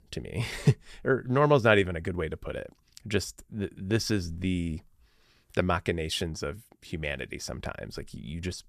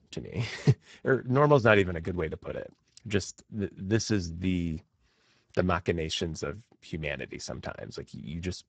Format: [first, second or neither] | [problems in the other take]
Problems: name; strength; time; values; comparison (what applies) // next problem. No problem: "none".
first | garbled, watery; badly; nothing above 7.5 kHz